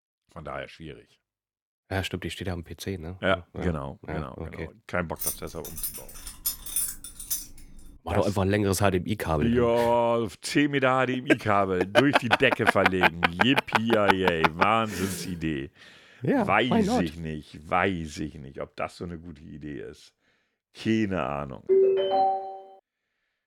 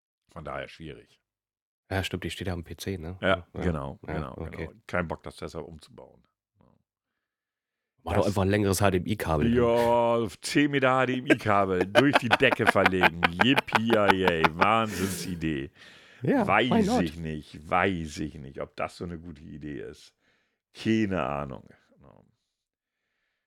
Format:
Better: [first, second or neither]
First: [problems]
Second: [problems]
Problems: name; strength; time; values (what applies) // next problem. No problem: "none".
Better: second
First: jangling keys; noticeable; from 5 to 8 s; peak 2 dB below the speech // phone ringing; loud; at 22 s; peak 4 dB above the speech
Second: none